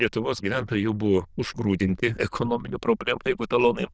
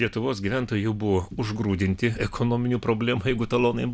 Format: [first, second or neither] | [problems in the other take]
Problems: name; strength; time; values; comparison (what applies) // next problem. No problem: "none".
second | noise reduction (neural diffusion model UNIVERSE++)